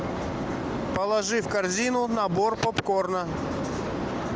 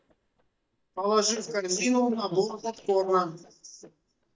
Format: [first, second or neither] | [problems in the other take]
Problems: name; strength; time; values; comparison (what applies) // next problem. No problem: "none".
first | noise reduction (neural mask model DeepFilterNet 3)